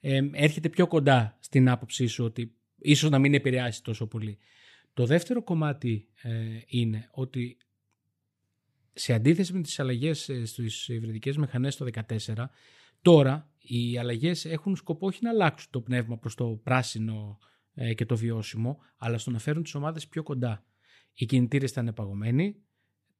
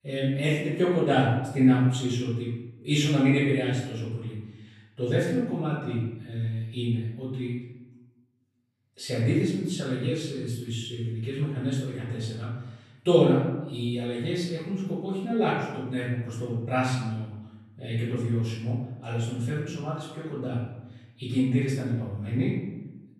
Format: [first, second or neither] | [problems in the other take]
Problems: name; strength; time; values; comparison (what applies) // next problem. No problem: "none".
first | off-mic speech; far // room echo; noticeable; dies away in 0.9 s